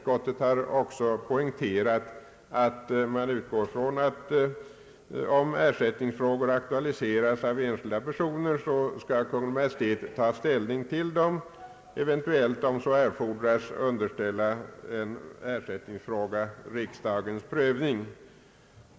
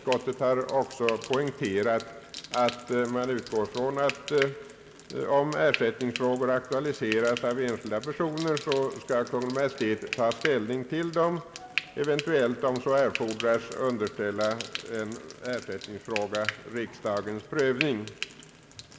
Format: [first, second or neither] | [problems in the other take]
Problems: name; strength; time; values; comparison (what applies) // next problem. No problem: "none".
first | background sound (Frying (food)); 12 dB below the speech